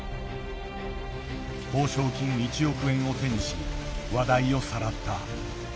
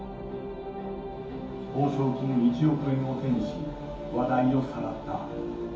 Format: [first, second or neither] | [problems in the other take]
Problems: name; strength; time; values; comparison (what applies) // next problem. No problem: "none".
first | room echo; dies away in 0.6 s